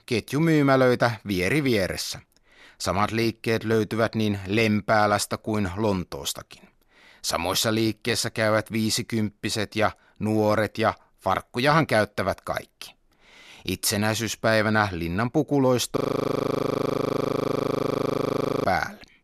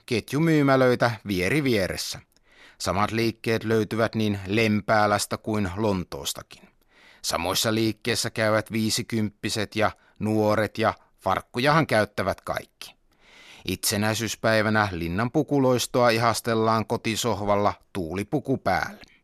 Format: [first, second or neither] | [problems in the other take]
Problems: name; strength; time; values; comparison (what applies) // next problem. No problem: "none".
second | audio freezing; at 16 s for 2.5 s